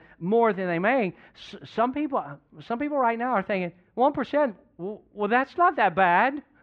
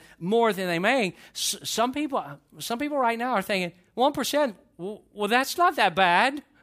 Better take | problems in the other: second | muffled; very; fading above 2 kHz

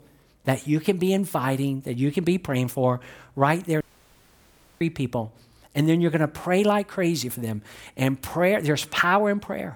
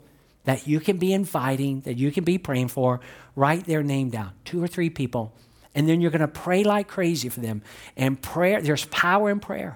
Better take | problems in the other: second | audio cutting out; at 4 s for 1 s

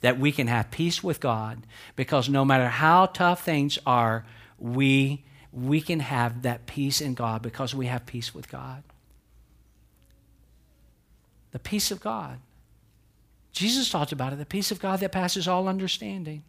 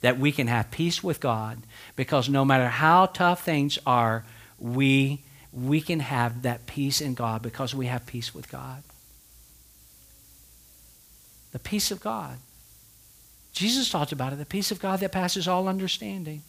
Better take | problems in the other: first | hiss; faint; throughout; 25 dB below the speech

